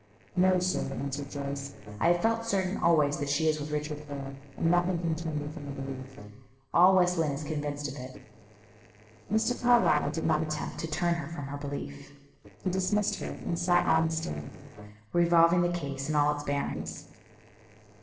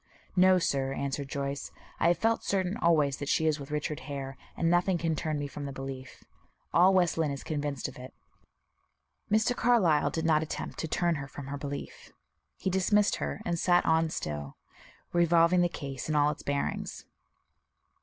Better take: second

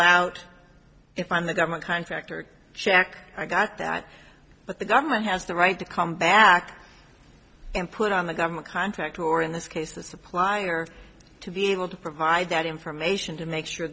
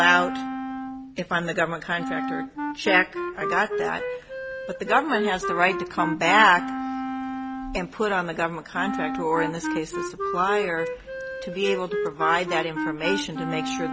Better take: first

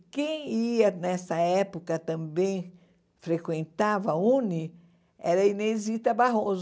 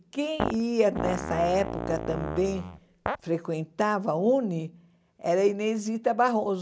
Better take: first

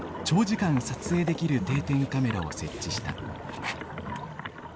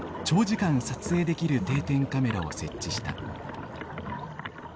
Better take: second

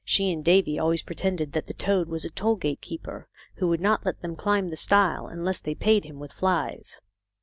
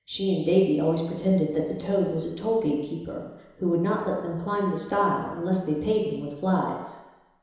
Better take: first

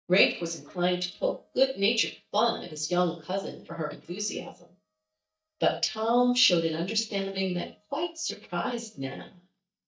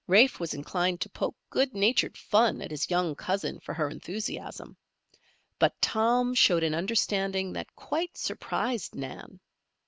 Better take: second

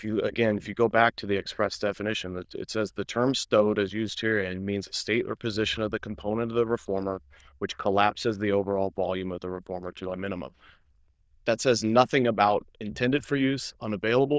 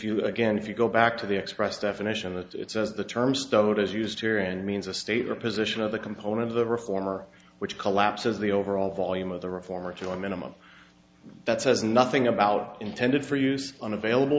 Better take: second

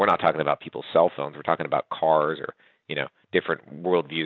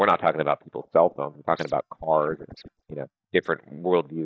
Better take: first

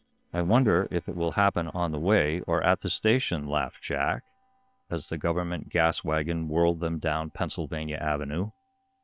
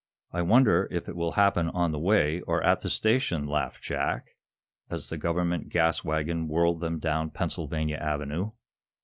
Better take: second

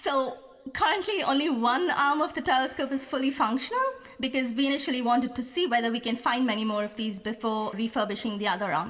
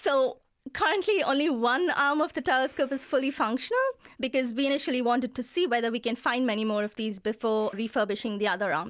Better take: second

